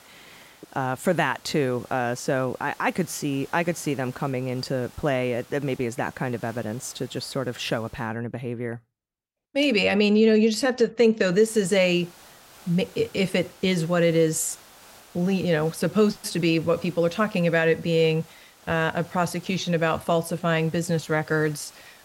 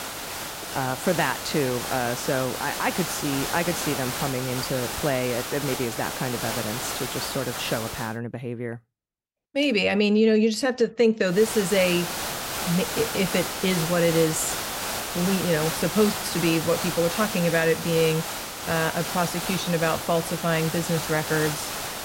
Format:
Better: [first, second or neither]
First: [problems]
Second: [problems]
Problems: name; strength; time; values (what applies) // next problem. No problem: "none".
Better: first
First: hiss; faint; until 8 s and from 11 s on; 25 dB below the speech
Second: hiss; loud; until 8 s and from 11 s on; 4 dB below the speech